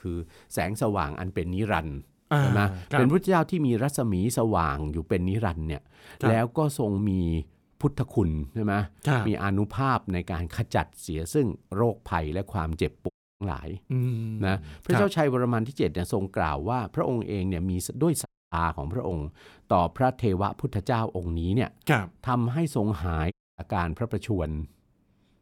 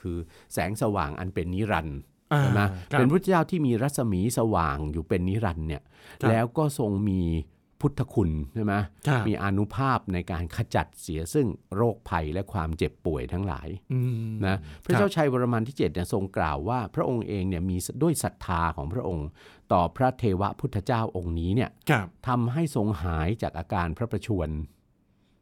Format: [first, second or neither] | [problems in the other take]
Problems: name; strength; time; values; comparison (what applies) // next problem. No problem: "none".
second | audio cutting out; at 13 s, at 18 s and at 23 s